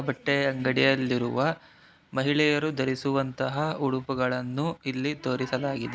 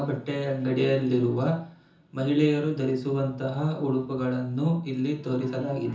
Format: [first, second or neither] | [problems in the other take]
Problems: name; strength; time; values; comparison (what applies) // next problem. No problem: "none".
first | room echo; dies away in 0.6 s